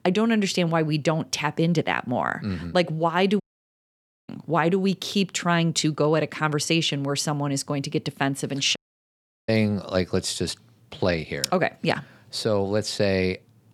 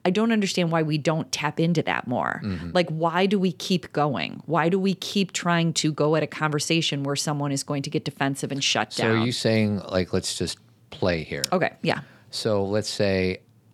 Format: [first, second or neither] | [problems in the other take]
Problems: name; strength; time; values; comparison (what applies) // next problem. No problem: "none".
second | audio cutting out; at 3.5 s for 1 s and at 9 s for 0.5 s